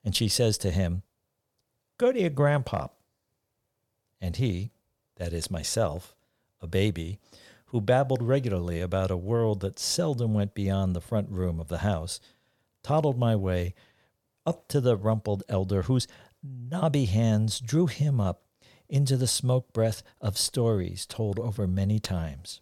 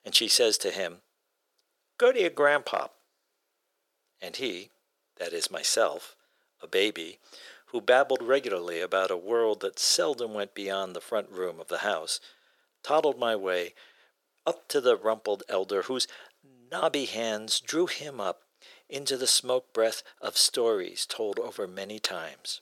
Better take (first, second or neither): first